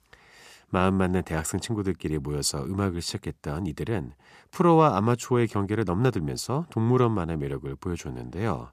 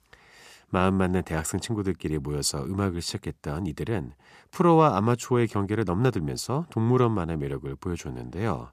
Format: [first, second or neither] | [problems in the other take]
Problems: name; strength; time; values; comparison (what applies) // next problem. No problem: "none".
neither | none